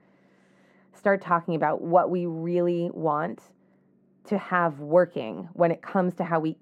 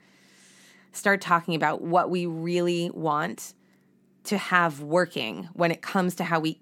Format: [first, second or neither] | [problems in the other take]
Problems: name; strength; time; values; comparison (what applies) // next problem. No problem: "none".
second | muffled; very; fading above 2.5 kHz